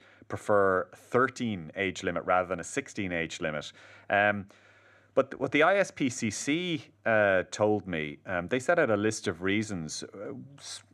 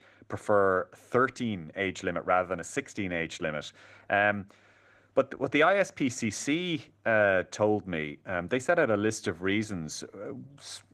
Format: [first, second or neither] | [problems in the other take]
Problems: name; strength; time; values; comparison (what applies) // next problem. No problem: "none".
first | garbled, watery; slightly